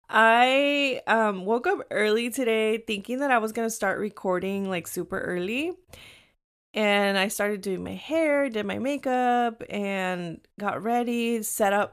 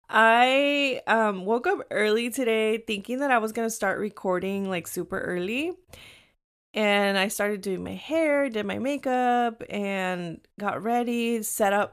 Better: neither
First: none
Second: none

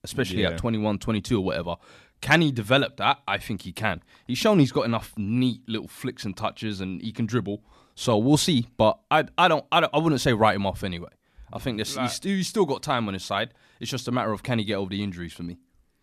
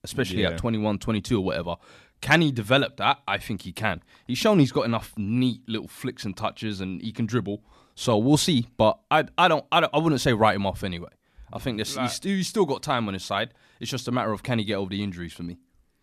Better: neither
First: none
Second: none

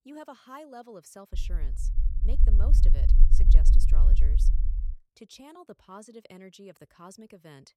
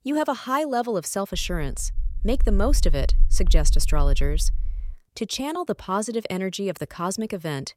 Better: second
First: low rumble; loud; from 1.5 to 5 s; 2 dB below the speech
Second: low rumble; faint; from 1.5 to 5 s; 25 dB below the speech

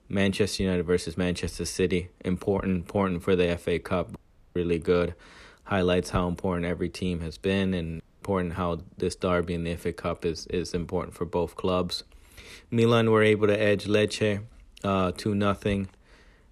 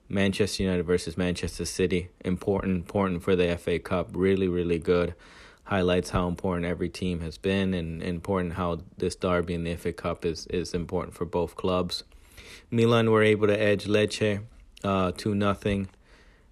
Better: second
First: audio cutting out; at 4 s and at 8 s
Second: none

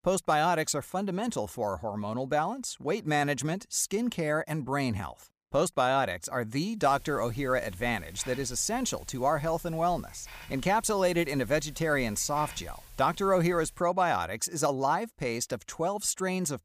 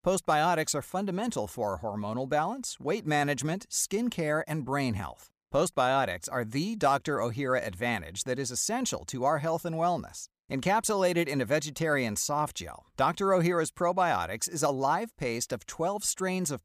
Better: second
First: hiss; faint; from 7 to 14 s; 20 dB below the speech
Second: none

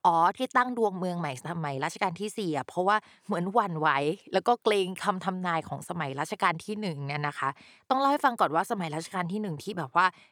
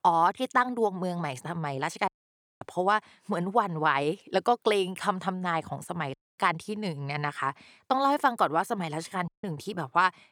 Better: first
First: none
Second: audio cutting out; at 2 s for 0.5 s, at 6 s and at 9.5 s

